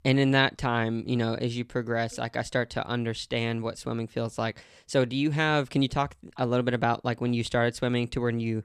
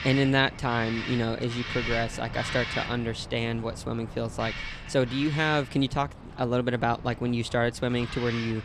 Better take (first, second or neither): first